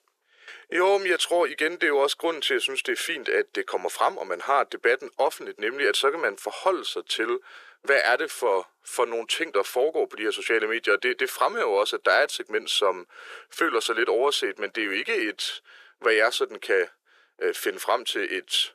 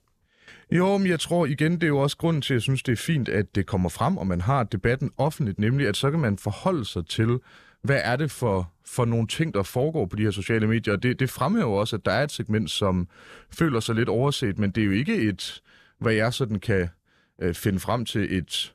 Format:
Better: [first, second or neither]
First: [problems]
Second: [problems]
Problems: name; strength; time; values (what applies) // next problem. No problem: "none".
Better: second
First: thin; very; fading below 400 Hz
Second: none